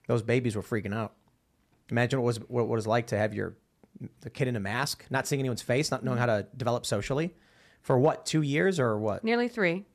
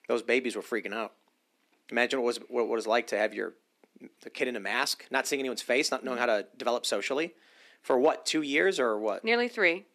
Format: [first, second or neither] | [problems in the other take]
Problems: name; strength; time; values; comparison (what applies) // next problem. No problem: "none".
first | thin; somewhat; fading below 250 Hz